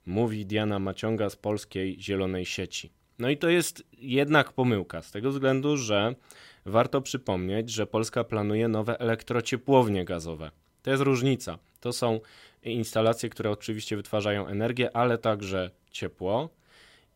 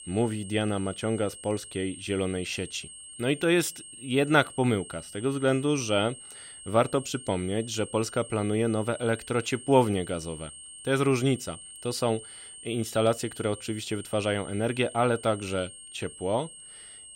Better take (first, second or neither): first